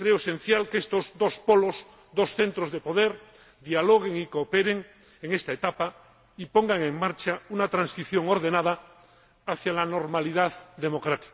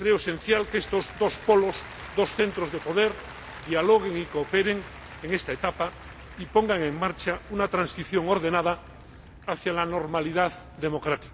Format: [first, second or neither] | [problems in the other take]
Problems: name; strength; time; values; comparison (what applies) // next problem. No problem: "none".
first | background sound (Applause / Cheering + Aircraft); 17 dB below the speech